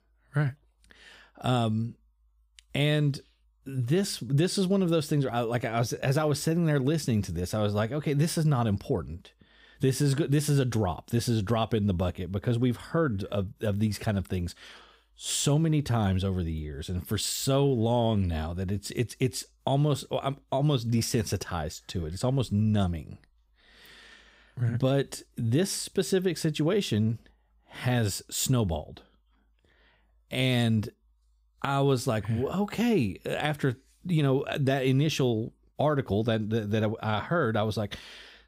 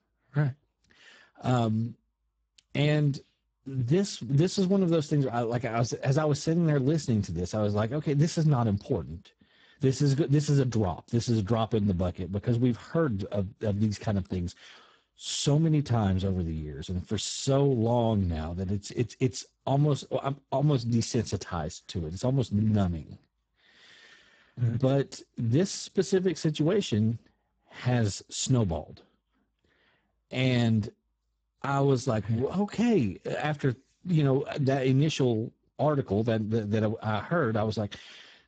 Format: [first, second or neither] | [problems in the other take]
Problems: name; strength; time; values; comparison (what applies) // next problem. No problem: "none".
first | garbled, watery; badly; nothing above 8 kHz